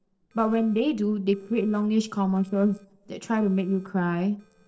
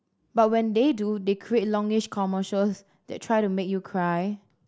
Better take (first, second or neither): second